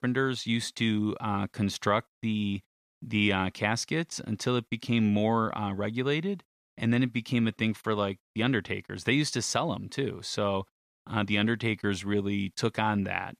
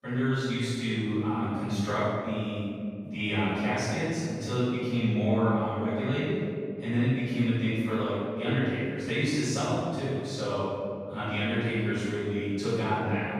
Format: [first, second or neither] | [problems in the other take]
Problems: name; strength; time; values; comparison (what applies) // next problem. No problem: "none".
first | off-mic speech; far // room echo; strong; dies away in 2.3 s